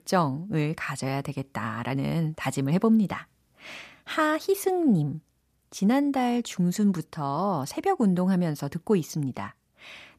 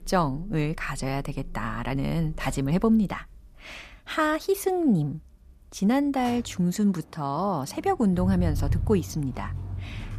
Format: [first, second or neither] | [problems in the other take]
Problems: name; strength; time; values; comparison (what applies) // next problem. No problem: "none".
first | traffic noise; loud; throughout; 10 dB below the speech